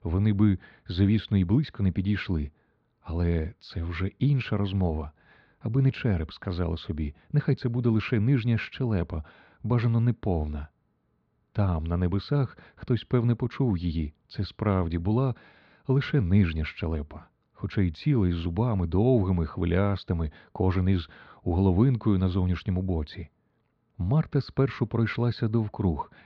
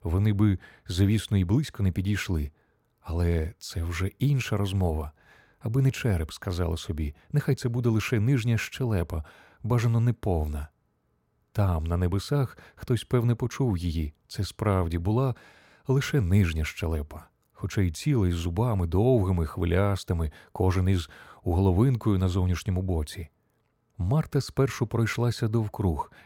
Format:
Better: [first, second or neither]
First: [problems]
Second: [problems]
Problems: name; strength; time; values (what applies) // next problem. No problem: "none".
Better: second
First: muffled; very slightly; fading above 4 kHz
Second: none